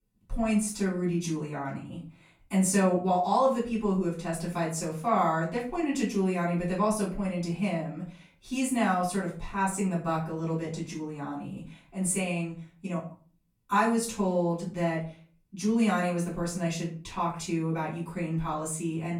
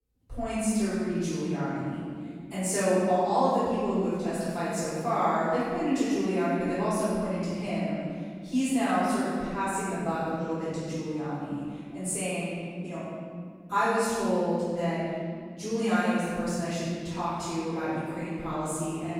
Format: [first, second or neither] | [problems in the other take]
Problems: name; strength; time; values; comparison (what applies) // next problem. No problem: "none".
first | room echo; strong; dies away in 2.2 s; slight in the first // off-mic speech; far; far in the first